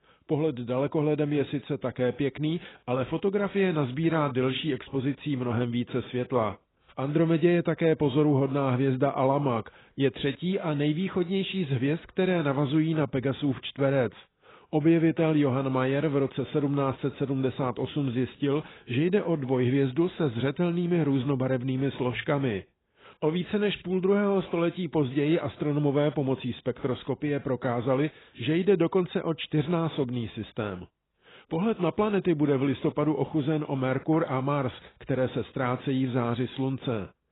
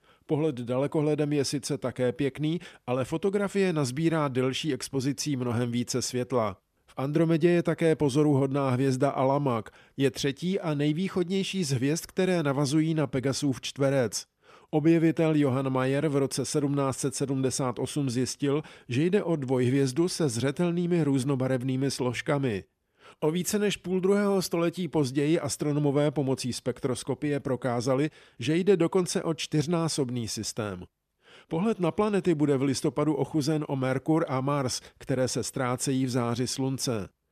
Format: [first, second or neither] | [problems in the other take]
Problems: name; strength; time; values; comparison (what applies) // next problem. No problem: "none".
second | garbled, watery; badly; nothing above 4 kHz